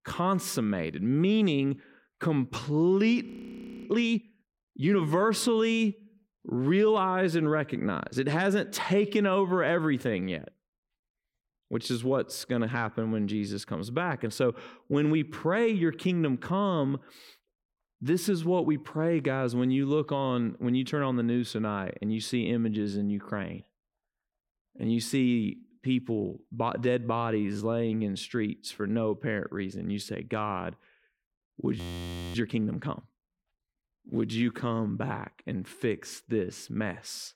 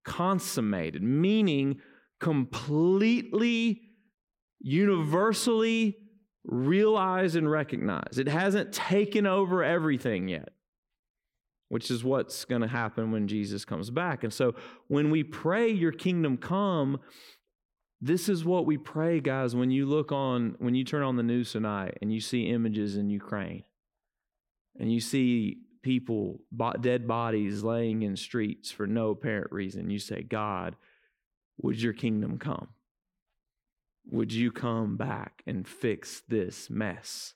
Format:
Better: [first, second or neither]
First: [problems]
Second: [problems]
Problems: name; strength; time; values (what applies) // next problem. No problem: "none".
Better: second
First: audio freezing; at 3.5 s for 0.5 s and at 32 s for 0.5 s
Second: none